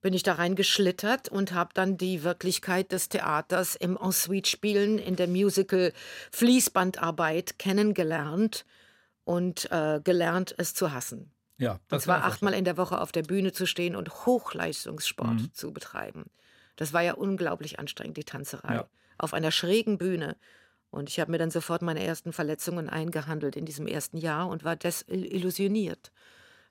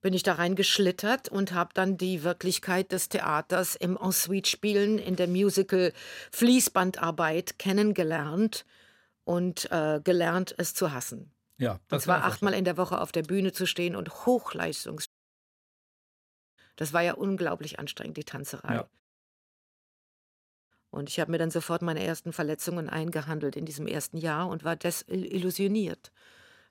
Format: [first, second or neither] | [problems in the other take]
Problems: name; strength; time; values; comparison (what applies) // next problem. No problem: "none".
first | audio cutting out; at 15 s for 1.5 s and at 19 s for 1.5 s